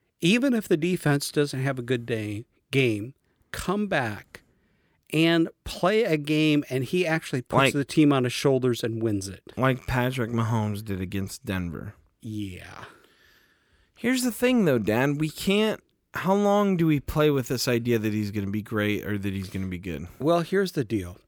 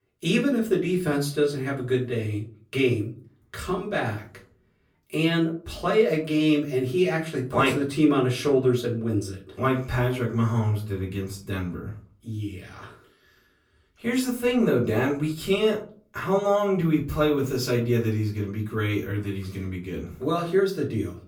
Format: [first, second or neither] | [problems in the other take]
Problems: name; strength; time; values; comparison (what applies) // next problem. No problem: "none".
first | off-mic speech; far // room echo; very slight; dies away in 0.3 s